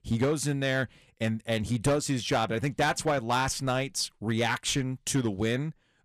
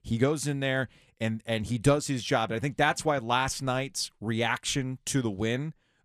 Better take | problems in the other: second | distortion; slight; 5% of the sound clipped

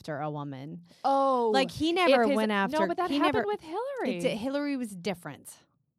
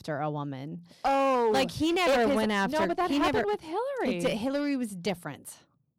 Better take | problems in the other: first | distortion; slight; 10% of the sound clipped

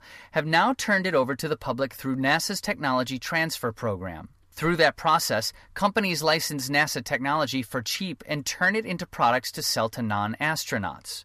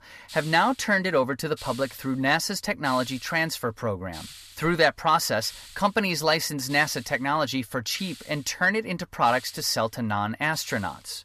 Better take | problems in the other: first | hiss; noticeable; throughout; 20 dB below the speech

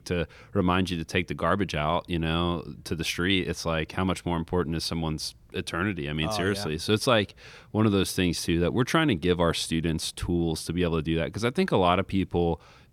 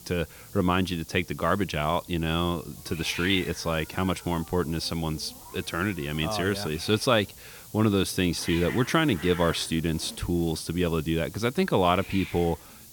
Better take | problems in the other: first | hiss; noticeable; throughout; 15 dB below the speech

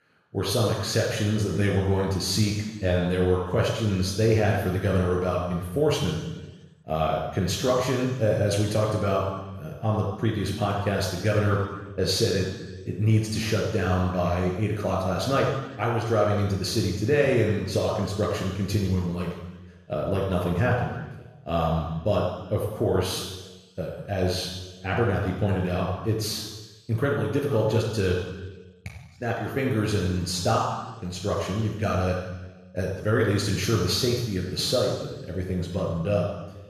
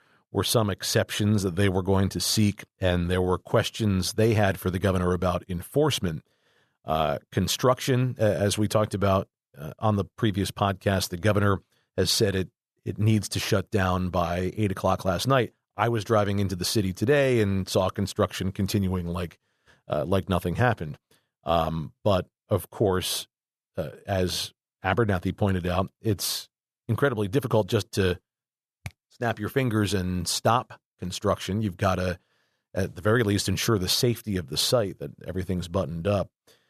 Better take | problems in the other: second | room echo; noticeable; dies away in 1.1 s // off-mic speech; far

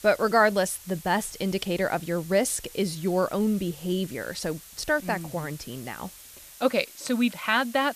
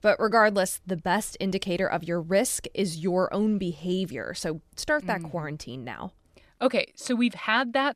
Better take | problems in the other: second | hiss; noticeable; throughout; 20 dB below the speech

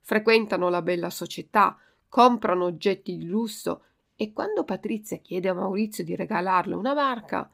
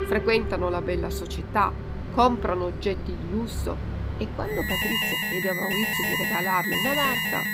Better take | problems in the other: first | alarms or sirens; very loud; throughout; as loud as the speech

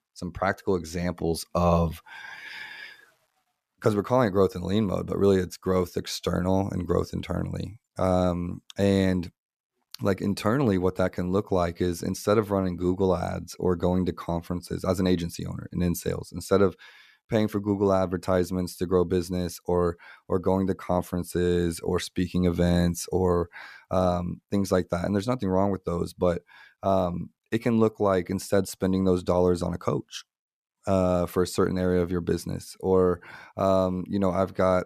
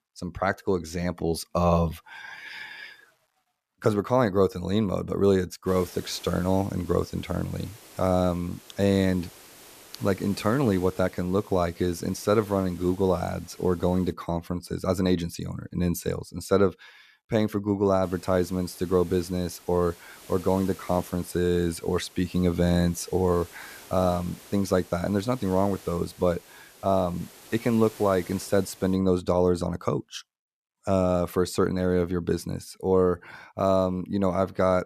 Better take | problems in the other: first | hiss; faint; from 5.5 to 14 s and from 18 to 29 s; 20 dB below the speech

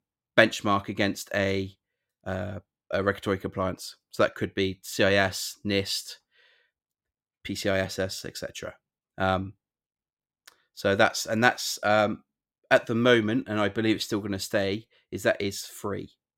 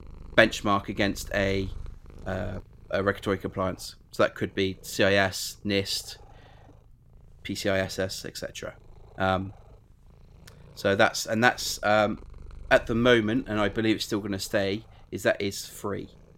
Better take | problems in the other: first | animal sounds; faint; throughout; 25 dB below the speech

